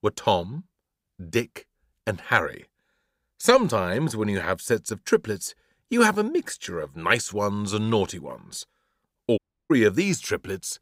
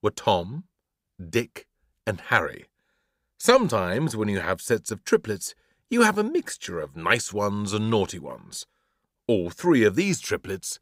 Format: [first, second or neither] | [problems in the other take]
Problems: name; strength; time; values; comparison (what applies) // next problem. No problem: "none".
second | audio cutting out; at 9.5 s